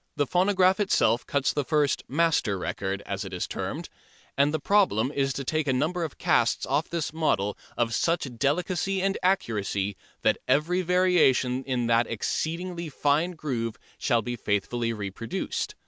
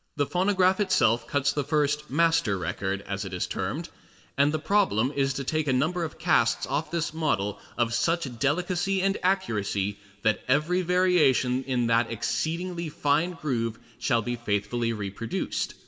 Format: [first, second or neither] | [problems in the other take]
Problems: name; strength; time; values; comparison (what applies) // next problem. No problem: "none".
first | room echo; dies away in 0.7 s